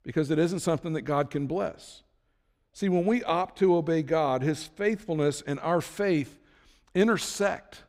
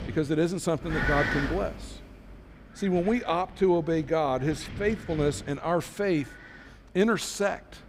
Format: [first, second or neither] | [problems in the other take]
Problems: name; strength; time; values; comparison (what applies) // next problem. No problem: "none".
first | wind noise on the microphone; heavy; 5 dB below the speech